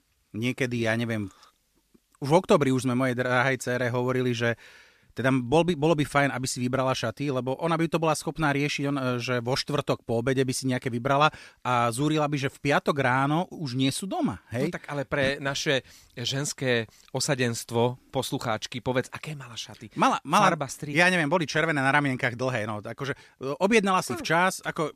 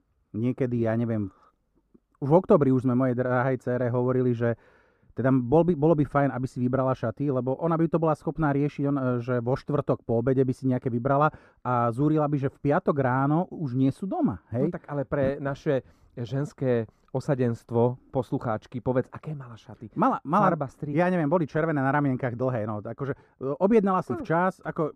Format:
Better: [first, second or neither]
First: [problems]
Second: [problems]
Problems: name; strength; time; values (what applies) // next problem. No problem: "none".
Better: first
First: none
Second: muffled; very; fading above 1.5 kHz